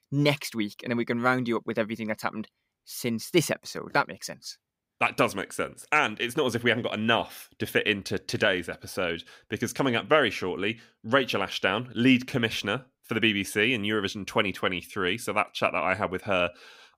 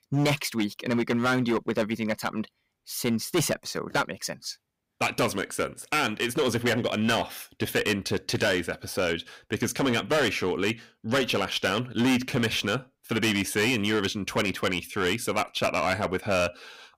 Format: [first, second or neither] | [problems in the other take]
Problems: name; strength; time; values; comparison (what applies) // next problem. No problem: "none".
first | distortion; heavy; 10% of the sound clipped